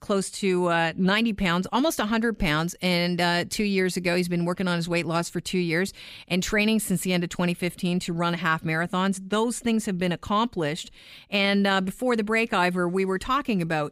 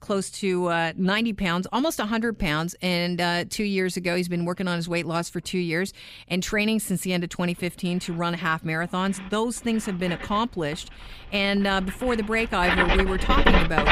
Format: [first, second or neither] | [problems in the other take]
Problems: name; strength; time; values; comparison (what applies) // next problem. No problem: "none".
first | household noises; very loud; throughout; as loud as the speech